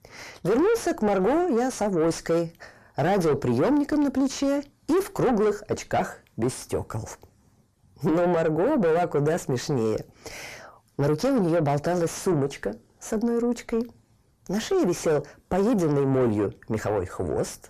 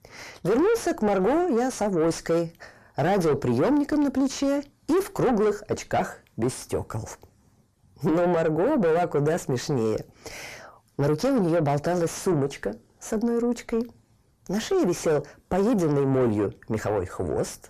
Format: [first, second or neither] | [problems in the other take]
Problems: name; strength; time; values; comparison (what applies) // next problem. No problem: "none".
neither | distortion; heavy; 7 dB below the speech; the same in both